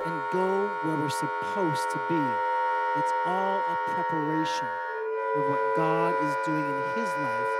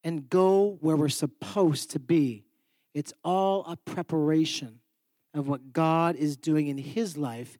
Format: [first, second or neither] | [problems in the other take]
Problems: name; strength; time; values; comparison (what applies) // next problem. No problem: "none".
second | background music; very loud; throughout; 5 dB above the speech